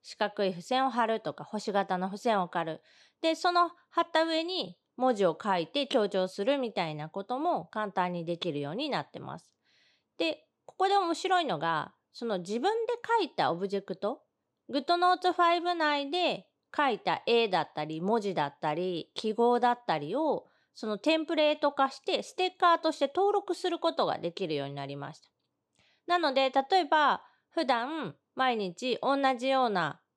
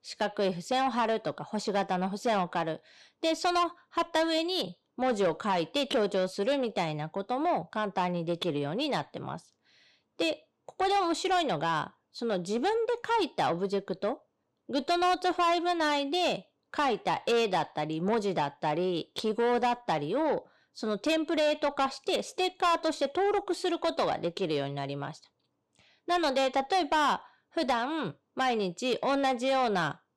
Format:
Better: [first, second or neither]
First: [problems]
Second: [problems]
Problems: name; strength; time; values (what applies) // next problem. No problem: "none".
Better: first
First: none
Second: distortion; slight; 10 dB below the speech